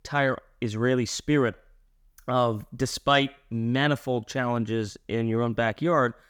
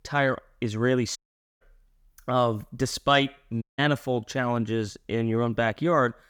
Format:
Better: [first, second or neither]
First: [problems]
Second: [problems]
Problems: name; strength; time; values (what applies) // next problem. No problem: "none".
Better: first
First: none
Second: audio cutting out; at 1 s and at 3.5 s